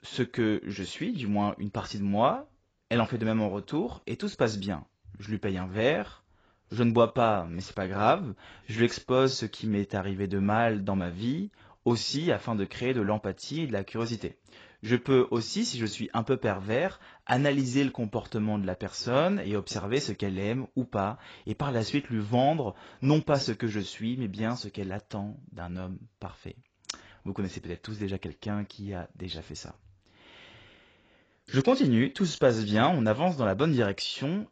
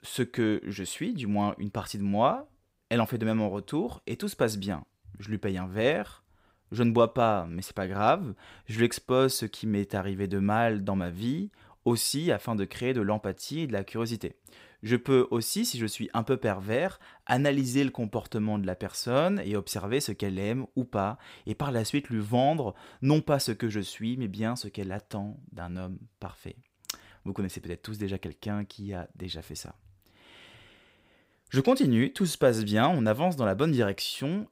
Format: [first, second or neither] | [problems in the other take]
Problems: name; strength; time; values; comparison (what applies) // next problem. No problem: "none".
second | garbled, watery; badly; nothing above 7.5 kHz